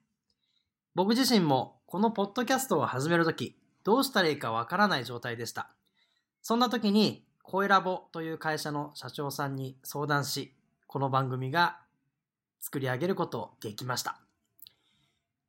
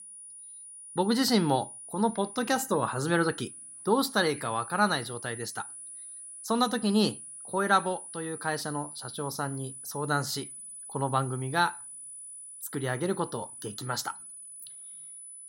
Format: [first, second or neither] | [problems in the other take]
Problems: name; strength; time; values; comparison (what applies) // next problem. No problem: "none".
first | high-pitched whine; noticeable; throughout; 10 kHz, 10 dB below the speech